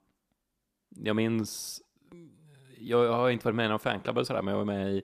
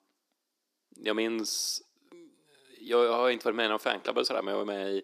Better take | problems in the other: first | thin; somewhat; fading below 300 Hz

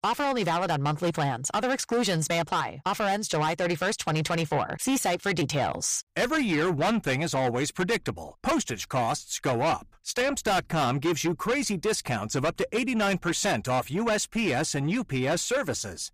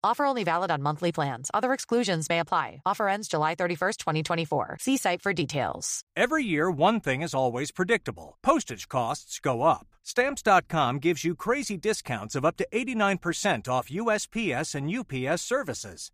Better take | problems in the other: second | distortion; heavy; 7 dB below the speech

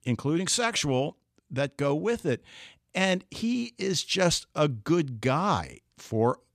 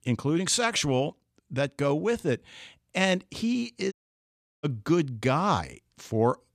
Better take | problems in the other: first | audio cutting out; at 4 s for 0.5 s

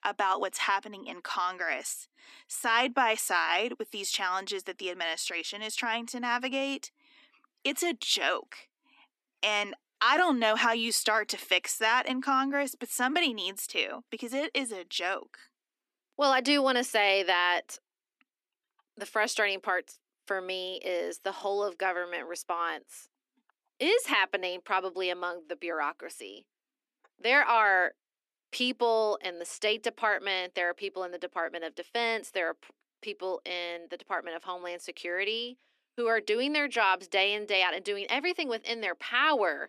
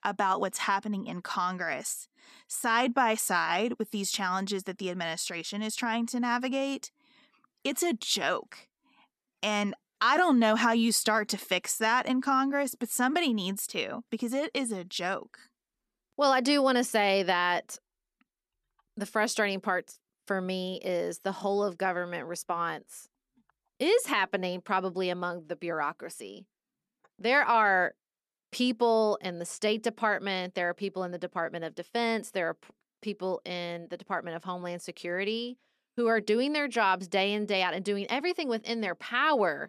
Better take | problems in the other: second | thin; very slightly; fading below 250 Hz

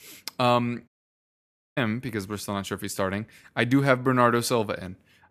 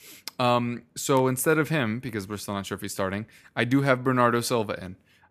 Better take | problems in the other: second | audio cutting out; at 1 s for 1 s

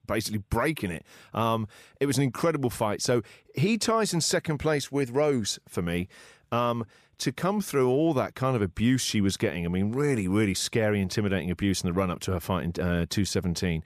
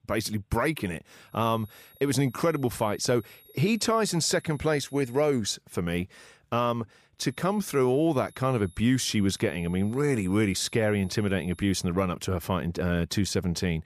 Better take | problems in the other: first | high-pitched whine; faint; from 1.5 to 5.5 s and from 7.5 to 12 s; 11.5 kHz, 25 dB below the speech

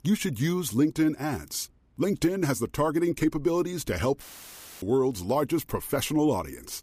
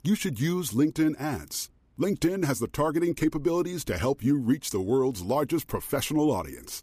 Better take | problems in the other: second | audio cutting out; filled with static; at 4 s for 0.5 s

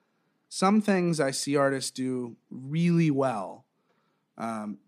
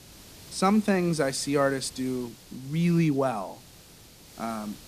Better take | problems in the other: first | hiss; faint; throughout; 20 dB below the speech

